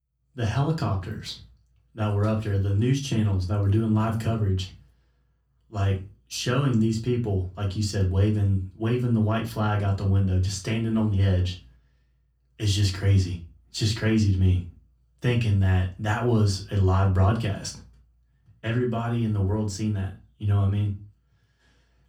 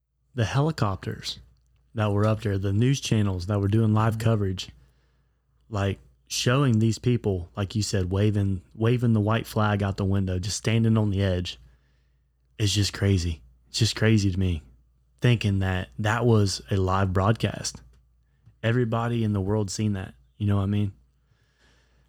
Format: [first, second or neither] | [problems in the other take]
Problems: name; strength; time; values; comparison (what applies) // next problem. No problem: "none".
second | off-mic speech; far // room echo; very slight; dies away in 0.3 s